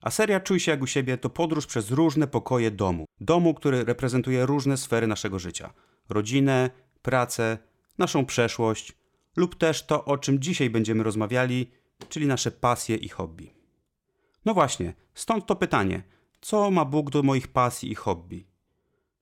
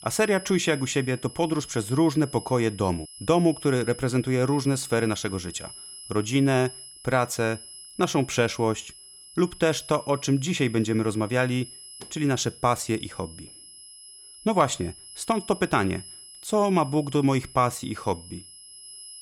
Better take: first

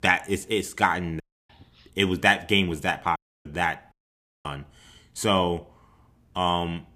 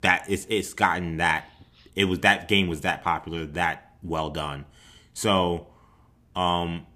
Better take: second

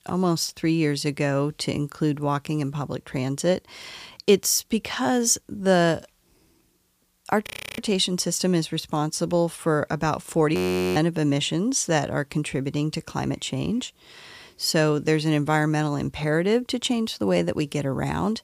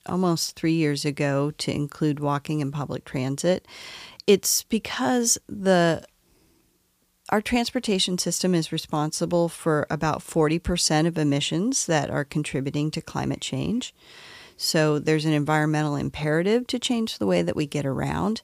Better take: second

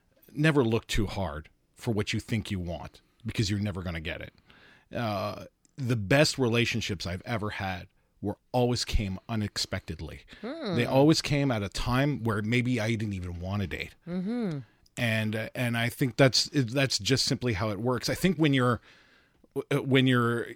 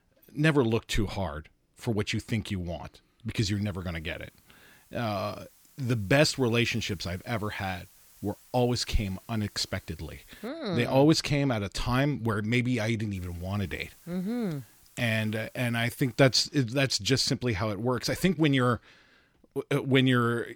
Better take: first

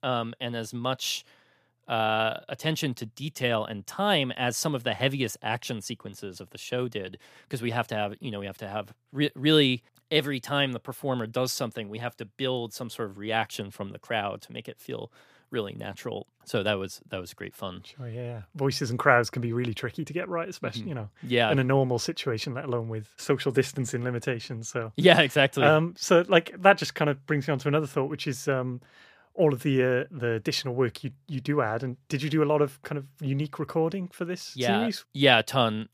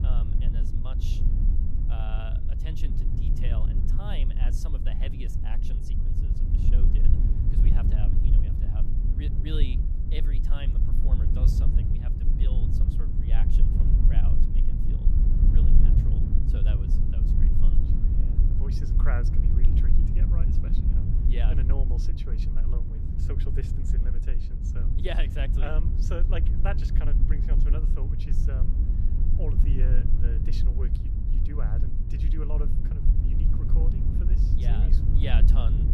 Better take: first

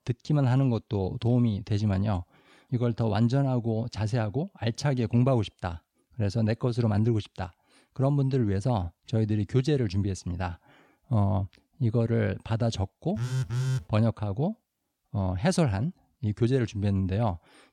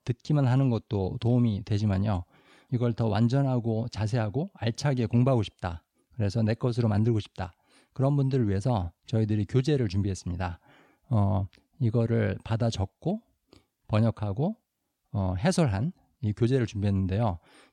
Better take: second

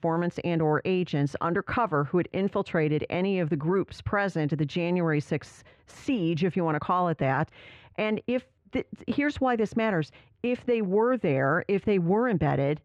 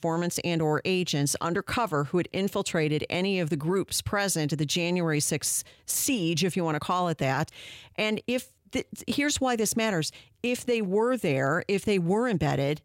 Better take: second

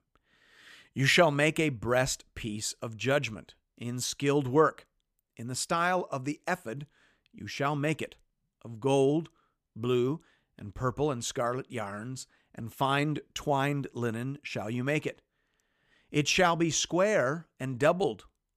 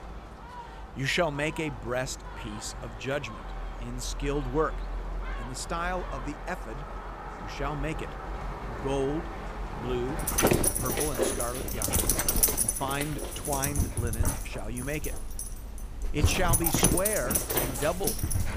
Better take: first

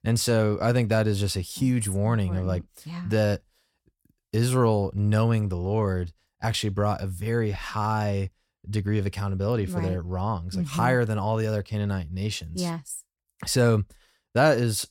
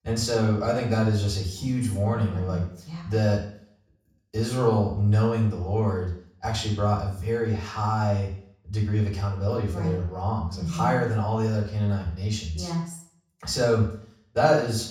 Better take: first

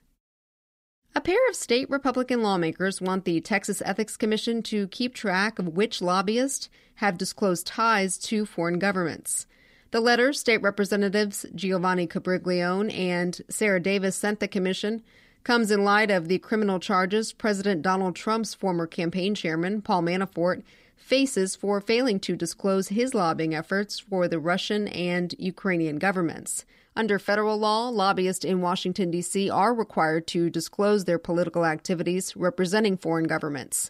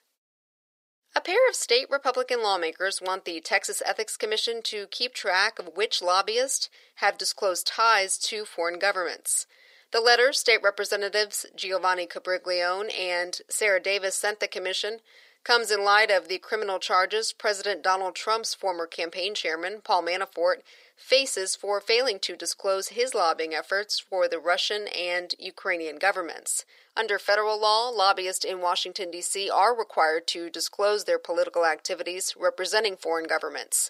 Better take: first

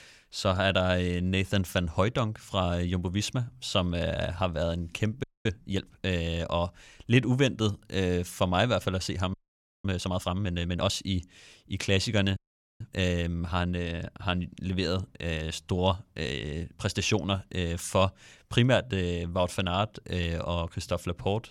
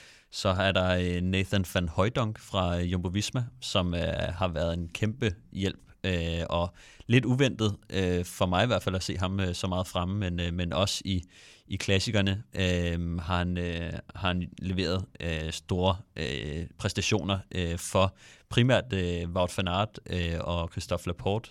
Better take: second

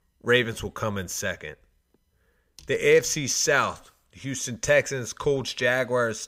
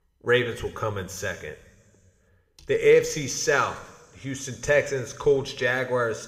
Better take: first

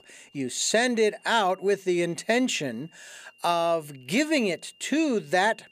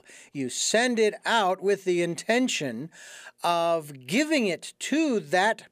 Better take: second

